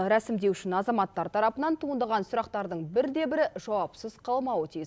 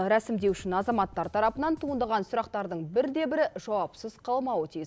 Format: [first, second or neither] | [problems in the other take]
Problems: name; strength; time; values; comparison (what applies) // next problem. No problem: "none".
first | background sound (Drum kit); 19 dB below the speech